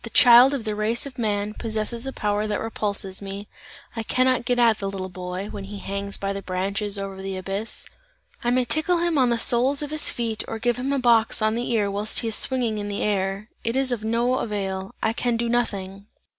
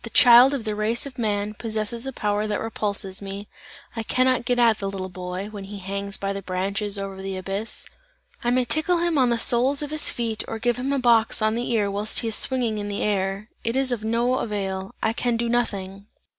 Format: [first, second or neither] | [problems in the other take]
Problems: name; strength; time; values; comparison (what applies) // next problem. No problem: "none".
second | background sound (Boom); 17 dB below the speech